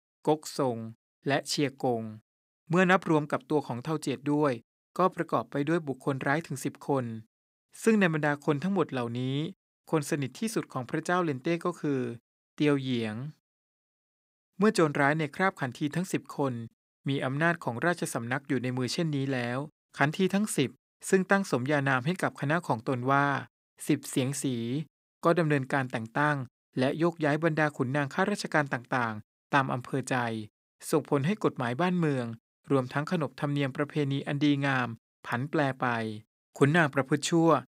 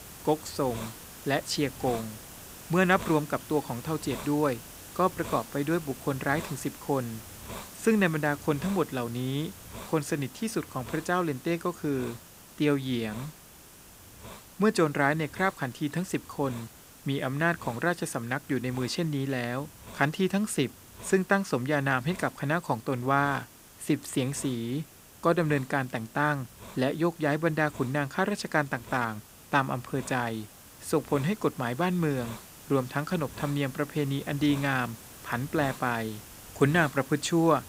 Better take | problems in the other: first | hiss; noticeable; throughout; 15 dB below the speech

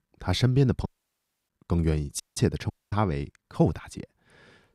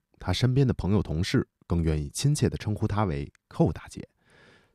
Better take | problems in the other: second | audio cutting out; at 1 s for 0.5 s, at 2 s and at 2.5 s

